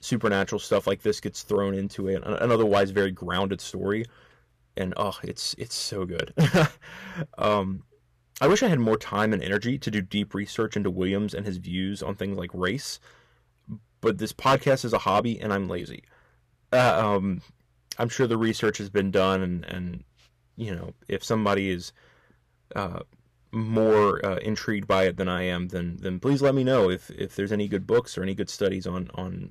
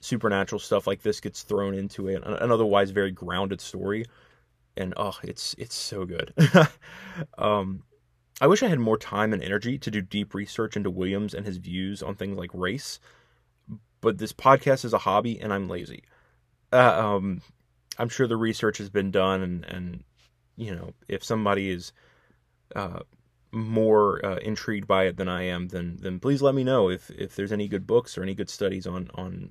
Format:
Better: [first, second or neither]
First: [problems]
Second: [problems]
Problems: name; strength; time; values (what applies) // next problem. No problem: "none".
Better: second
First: distortion; slight; 3% of the sound clipped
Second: none